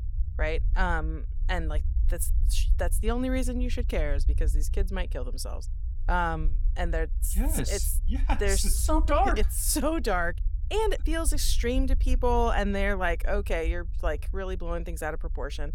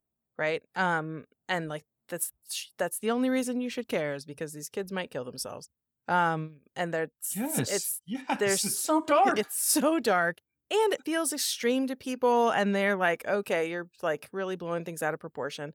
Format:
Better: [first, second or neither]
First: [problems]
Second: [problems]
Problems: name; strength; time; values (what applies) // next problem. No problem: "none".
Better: second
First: low rumble; faint; throughout; 25 dB below the speech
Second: none